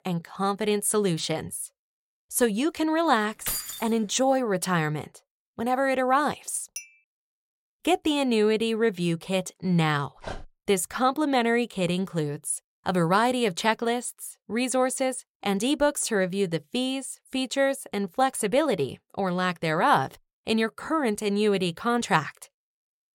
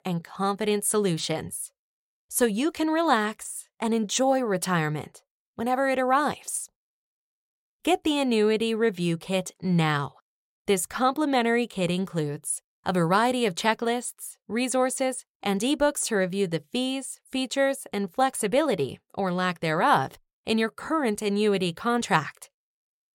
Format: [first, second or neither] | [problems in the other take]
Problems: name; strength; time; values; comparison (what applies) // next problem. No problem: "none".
second | jangling keys; noticeable; at 3.5 s; peak 4 dB below the speech // clattering dishes; faint; at 7 s; peak 15 dB below the speech // dog barking; faint; at 10 s; peak 15 dB below the speech